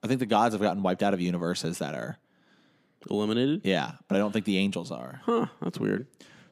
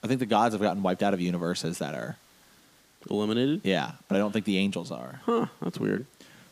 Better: first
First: none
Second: hiss; faint; throughout; 30 dB below the speech

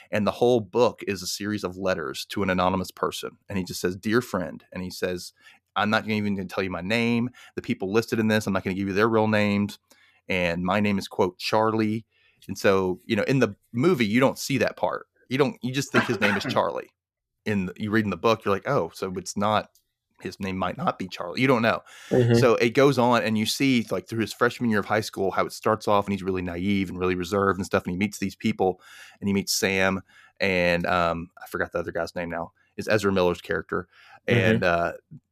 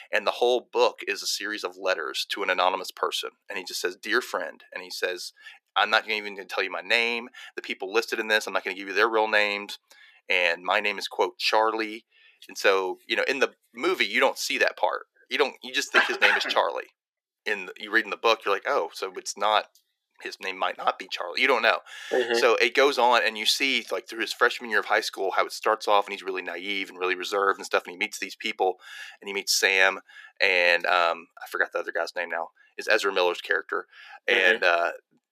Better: first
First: none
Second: thin; very; fading below 350 Hz

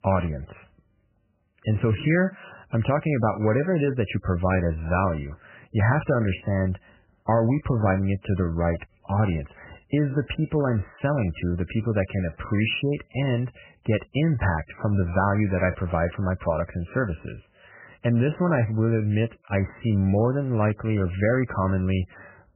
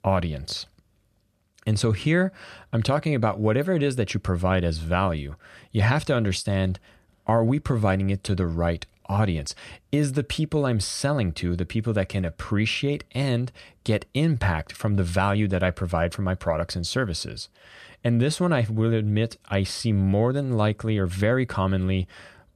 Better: second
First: garbled, watery; badly; nothing above 3 kHz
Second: none

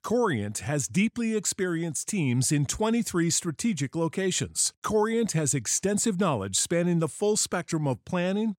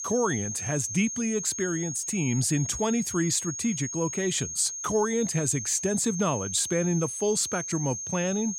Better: first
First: none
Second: high-pitched whine; loud; throughout; 6.5 kHz, 5 dB below the speech

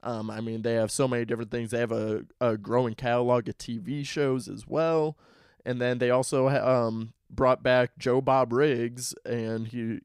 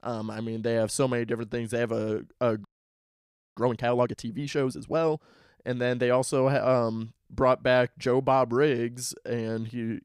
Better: first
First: none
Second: audio freezing; at 2.5 s for 1 s

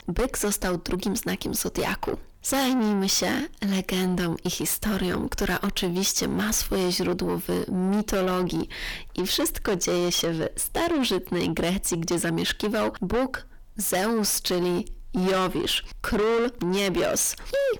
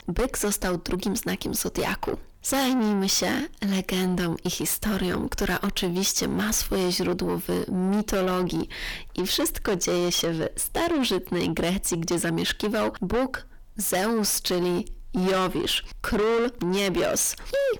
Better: neither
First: distortion; heavy; 5 dB below the speech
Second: distortion; heavy; 5 dB below the speech

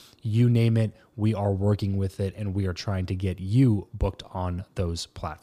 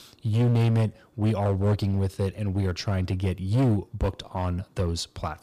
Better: first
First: none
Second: distortion; slight; 9% of the sound clipped

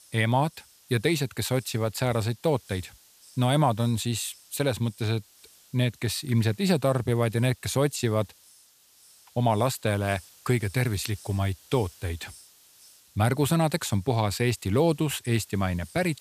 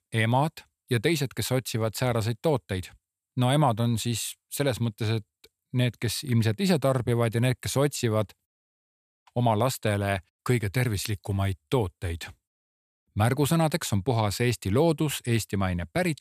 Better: second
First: hiss; faint; throughout; 25 dB below the speech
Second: none

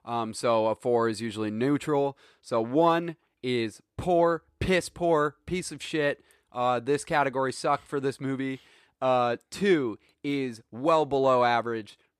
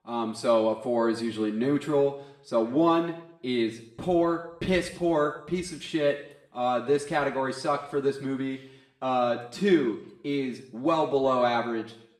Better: first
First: none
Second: room echo; slight; dies away in 0.6 s // off-mic speech; far

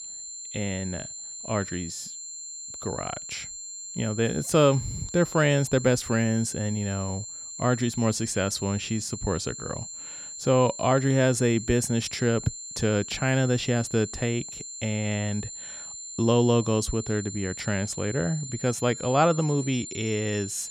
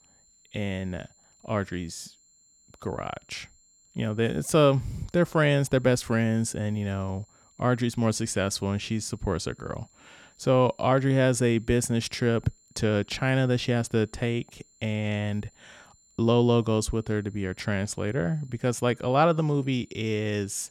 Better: second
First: high-pitched whine; loud; throughout; 7.5 kHz, 10 dB below the speech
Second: high-pitched whine; faint; throughout; 7.5 kHz, 30 dB below the speech

